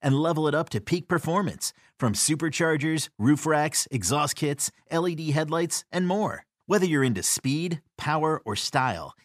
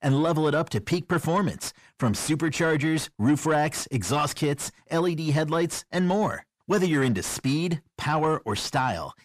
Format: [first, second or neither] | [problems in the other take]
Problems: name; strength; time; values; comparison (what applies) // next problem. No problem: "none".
first | distortion; slight; 10 dB below the speech